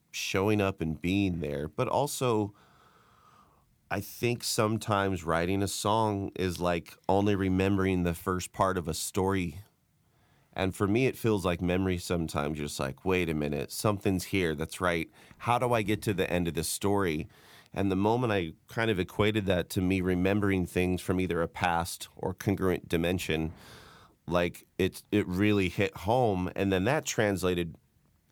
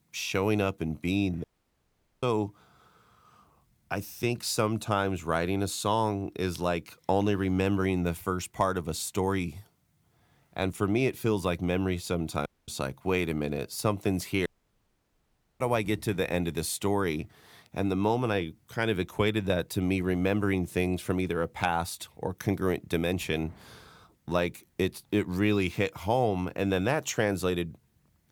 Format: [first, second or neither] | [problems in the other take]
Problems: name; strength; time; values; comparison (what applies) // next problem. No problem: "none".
first | audio cutting out; at 1.5 s for 1 s, at 12 s and at 14 s for 1 s